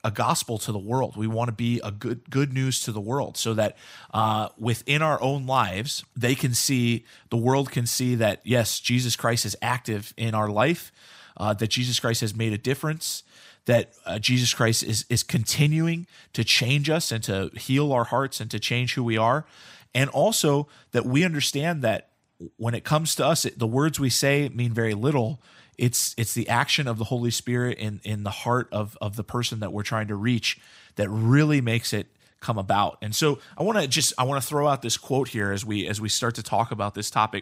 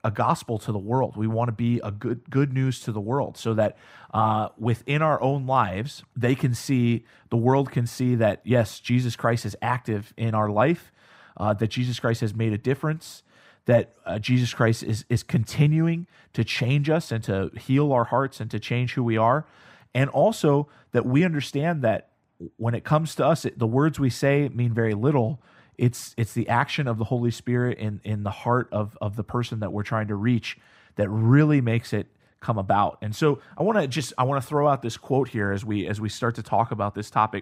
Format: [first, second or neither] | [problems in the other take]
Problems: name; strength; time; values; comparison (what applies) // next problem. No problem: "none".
first | muffled; slightly; fading above 2.5 kHz